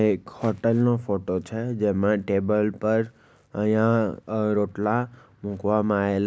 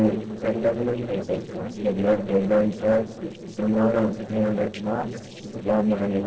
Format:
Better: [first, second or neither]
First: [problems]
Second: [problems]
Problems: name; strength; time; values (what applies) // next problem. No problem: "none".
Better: first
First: none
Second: noise reduction (neural separator model SepFormer DNS4)